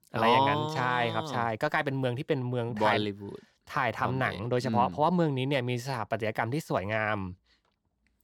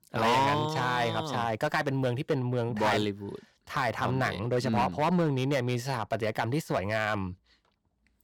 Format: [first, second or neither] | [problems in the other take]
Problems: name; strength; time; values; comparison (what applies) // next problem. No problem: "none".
first | distortion; slight; 6% of the sound clipped